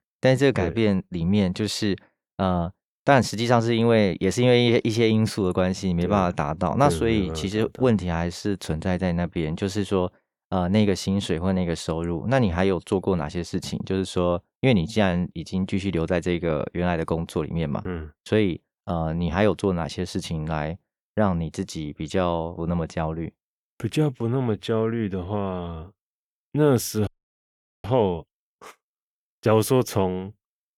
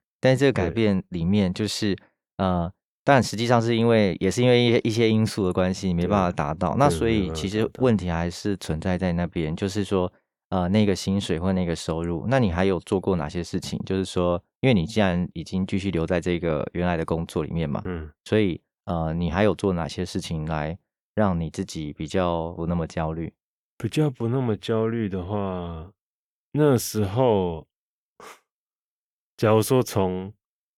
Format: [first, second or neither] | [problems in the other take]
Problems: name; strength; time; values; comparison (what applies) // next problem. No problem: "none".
second | audio freezing; at 27 s for 1 s